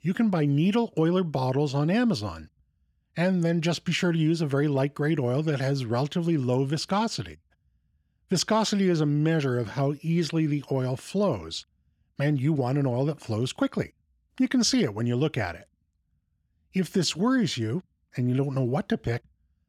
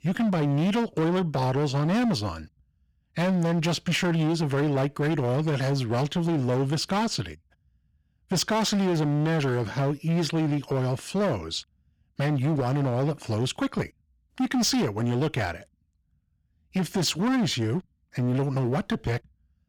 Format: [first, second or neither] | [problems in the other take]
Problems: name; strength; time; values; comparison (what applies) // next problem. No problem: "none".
first | distortion; slight; 18% of the sound clipped